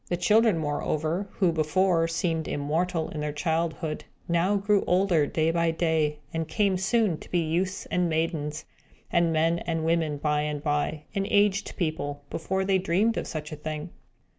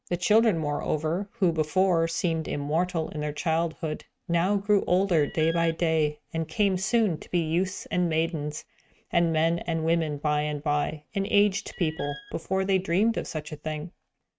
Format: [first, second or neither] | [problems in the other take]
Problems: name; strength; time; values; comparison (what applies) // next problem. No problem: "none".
first | noise reduction (neural mask model RNNoise)